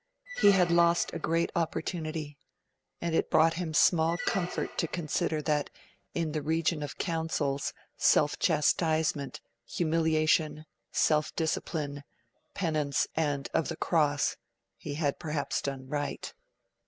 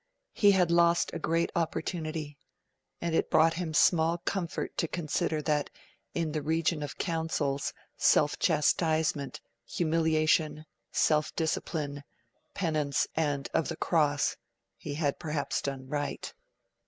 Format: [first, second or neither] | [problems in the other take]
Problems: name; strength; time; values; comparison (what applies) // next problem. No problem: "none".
second | background sound (Squeak); 13 dB below the speech